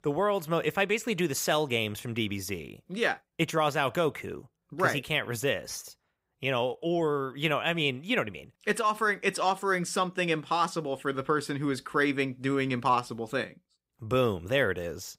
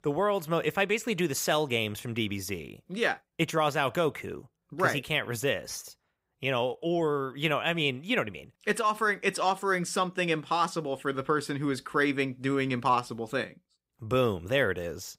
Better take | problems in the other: neither | none

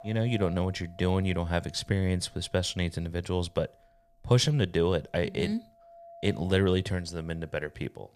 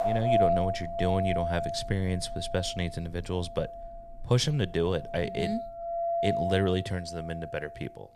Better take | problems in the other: first | household noises; loud; throughout; 1 dB below the speech; faint in the first

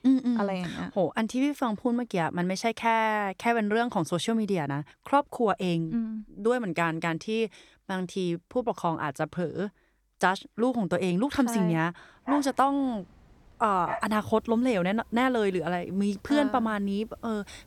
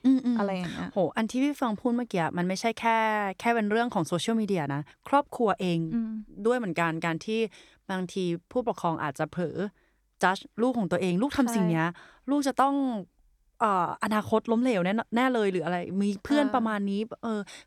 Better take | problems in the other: second | animal sounds; loud; from 12 s on; 10 dB below the speech

